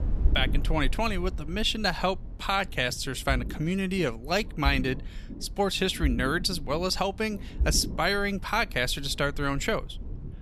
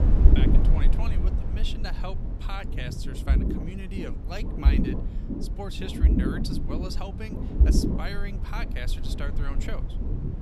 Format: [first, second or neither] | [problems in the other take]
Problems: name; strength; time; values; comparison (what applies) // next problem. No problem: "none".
first | low rumble; loud; throughout; as loud as the speech; faint in the first